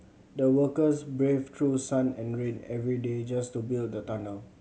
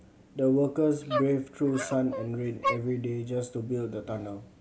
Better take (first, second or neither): first